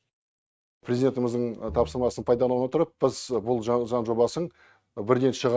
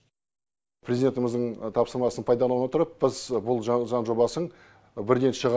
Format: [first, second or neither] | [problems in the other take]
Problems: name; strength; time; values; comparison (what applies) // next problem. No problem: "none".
second | noise reduction (neural mask model RNNoise)